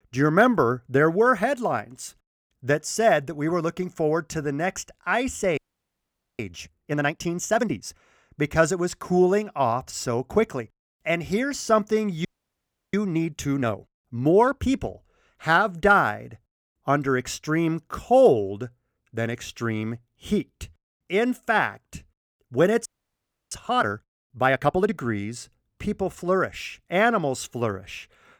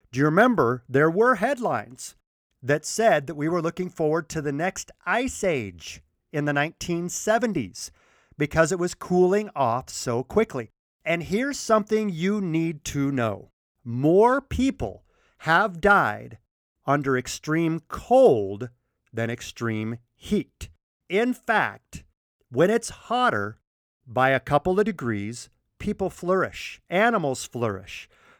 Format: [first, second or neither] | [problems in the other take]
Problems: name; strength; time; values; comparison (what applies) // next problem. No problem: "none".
second | audio freezing; at 5.5 s for 1 s, at 12 s for 0.5 s and at 23 s for 0.5 s